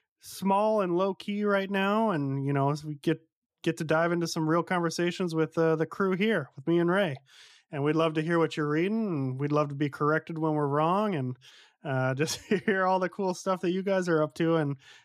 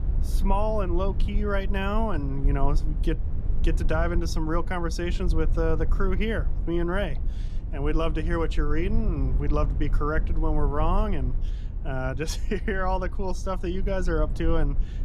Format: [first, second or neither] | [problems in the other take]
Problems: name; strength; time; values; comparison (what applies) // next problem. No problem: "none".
first | low rumble; noticeable; throughout; 15 dB below the speech